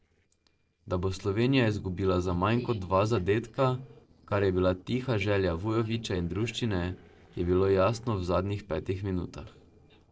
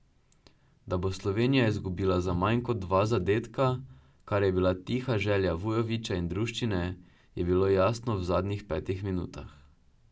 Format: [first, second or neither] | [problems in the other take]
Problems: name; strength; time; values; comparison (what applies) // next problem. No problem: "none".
second | noise reduction (neural separator model SepFormer DNS4)